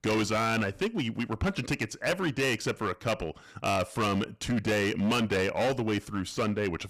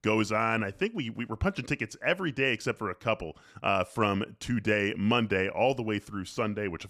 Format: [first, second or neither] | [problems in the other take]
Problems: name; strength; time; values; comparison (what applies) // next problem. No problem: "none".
second | distortion; heavy; 16% of the sound clipped